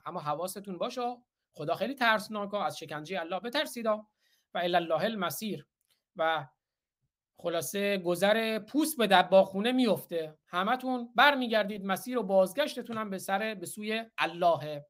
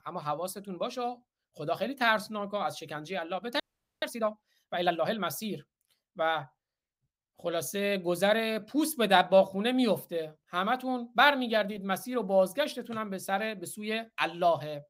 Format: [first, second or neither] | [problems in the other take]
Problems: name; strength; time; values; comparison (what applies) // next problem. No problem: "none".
first | audio freezing; at 3.5 s